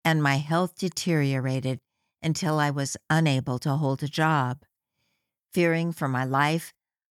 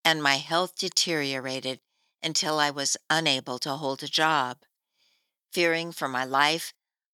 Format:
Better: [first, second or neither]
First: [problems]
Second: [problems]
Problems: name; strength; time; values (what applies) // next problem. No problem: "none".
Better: first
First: none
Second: thin; somewhat; fading below 350 Hz